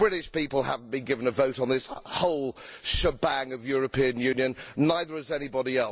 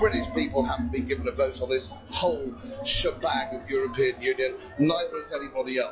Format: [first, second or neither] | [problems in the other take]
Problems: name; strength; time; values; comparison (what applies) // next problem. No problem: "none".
first | noise reduction (classical method log-MMSE)